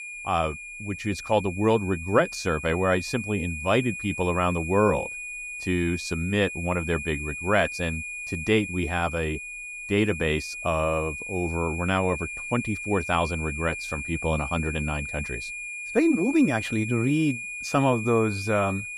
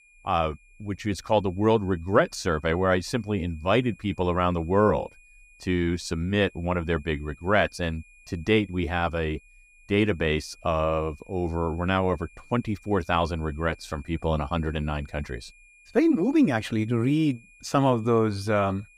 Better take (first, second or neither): second